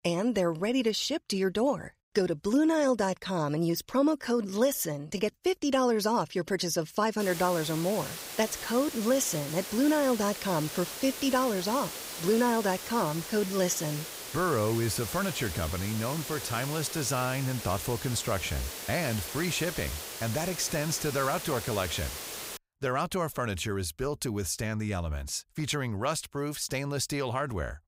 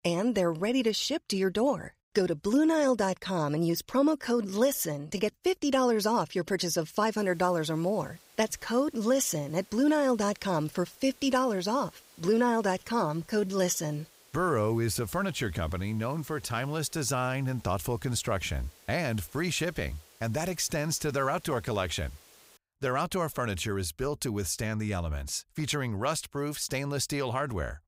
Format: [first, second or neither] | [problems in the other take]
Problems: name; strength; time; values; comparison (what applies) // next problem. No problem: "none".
second | hiss; loud; from 7 to 23 s; 8 dB below the speech; faint in the second